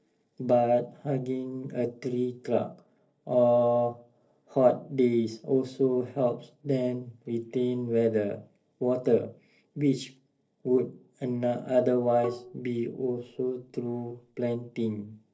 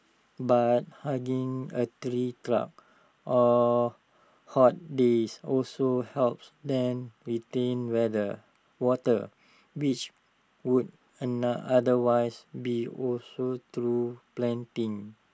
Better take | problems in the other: second | noise reduction (neural separator model SepFormer DNS4)

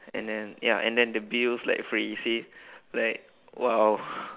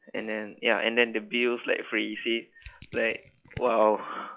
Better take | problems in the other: first | noise reduction (classical method log-MMSE)

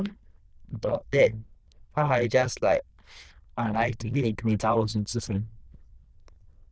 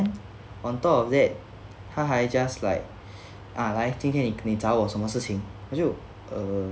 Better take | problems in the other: second | noise reduction (neural diffusion model UNIVERSE++)

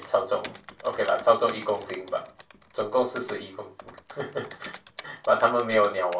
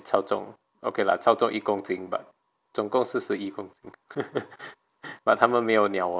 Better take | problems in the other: second | background sound (Computer keyboard); 19 dB below the speech // room echo; dies away in 0.2 s

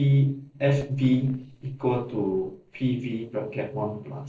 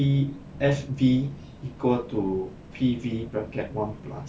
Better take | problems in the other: second | noise reduction (neural separator model SepFormer DNS4)

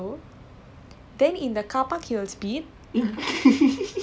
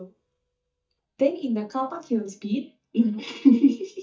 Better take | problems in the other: first | noise reduction (neural mask model DeepFilterNet 3)

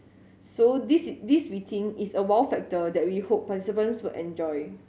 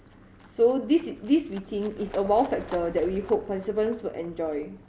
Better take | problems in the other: first | background sound (Livestock, farm animals, working animals + Vehicle); 19 dB below the speech

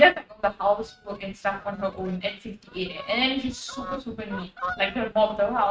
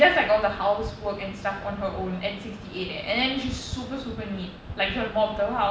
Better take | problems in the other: second | noise reduction (neural mask model RNNoise)

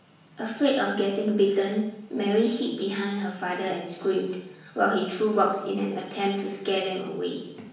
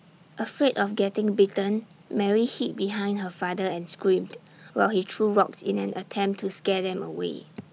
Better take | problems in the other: second | room echo; dies away in 0.7 s

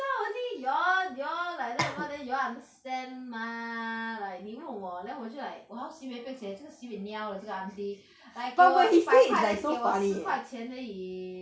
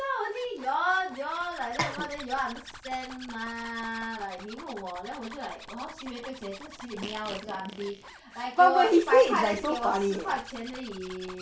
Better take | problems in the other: first | background sound (Fart + Zipper (clothing)); 16 dB below the speech

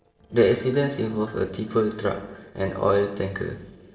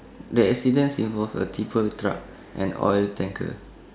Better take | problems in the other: second | noise reduction (neural separator model SepFormer DNS4)

